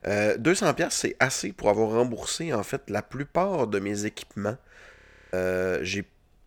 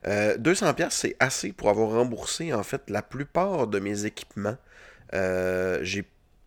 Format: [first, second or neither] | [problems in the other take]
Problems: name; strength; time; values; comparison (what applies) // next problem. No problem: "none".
second | audio freezing; at 5 s